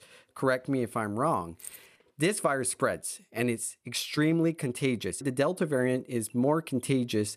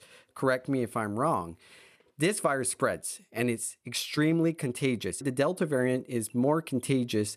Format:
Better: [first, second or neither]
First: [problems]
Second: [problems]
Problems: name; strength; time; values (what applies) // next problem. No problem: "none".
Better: second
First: jangling keys; faint; at 1.5 s; peak 15 dB below the speech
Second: none